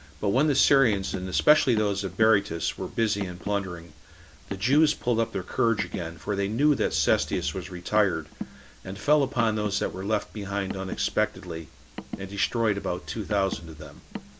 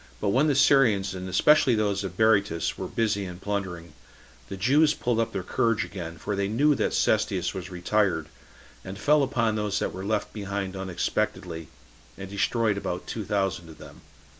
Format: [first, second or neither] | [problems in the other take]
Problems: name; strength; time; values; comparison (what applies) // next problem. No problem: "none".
second | background sound (Car); 14 dB below the speech